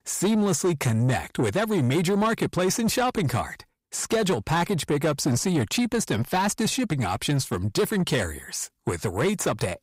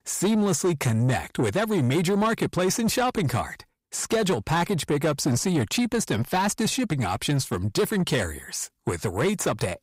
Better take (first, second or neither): neither